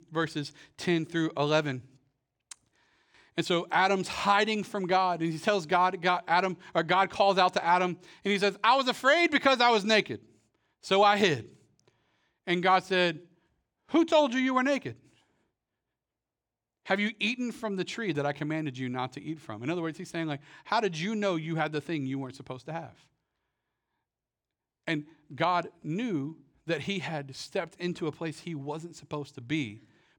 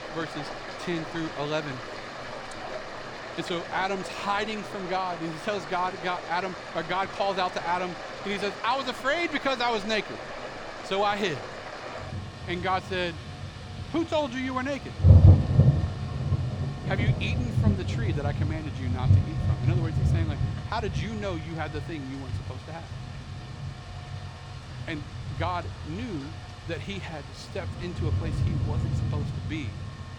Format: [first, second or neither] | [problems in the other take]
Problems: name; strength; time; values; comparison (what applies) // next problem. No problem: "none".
first | rain or running water; very loud; throughout; 2 dB above the speech